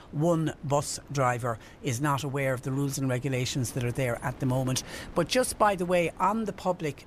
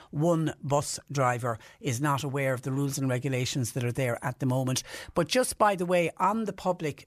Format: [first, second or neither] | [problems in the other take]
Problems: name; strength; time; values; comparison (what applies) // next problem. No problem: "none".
second | wind noise on the microphone; occasional gusts; 25 dB below the speech